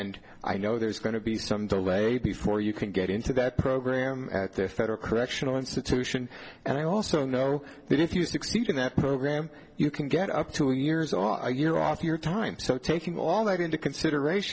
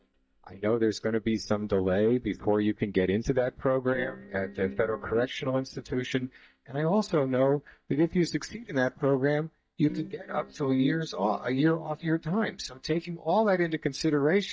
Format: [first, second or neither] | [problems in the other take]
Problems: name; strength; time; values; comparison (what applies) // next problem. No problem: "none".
first | noise reduction (neural mask model DeepFilterNet 3)